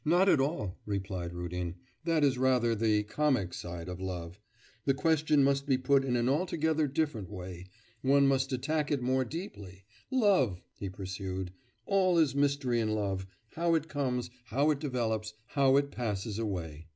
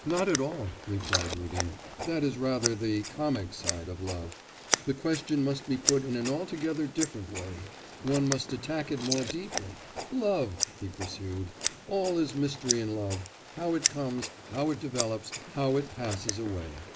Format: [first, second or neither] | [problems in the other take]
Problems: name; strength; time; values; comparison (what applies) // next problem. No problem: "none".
first | noise reduction (neural mask model Resemble Enhance denoiser)